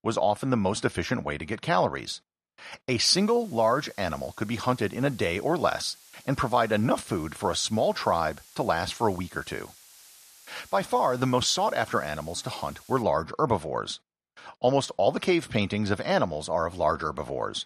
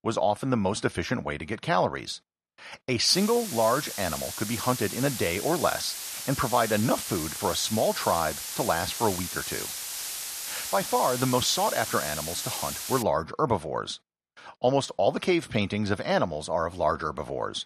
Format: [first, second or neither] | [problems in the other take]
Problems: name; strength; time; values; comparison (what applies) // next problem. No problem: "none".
first | hiss; loud; from 3 to 13 s; 5 dB below the speech; faint in the first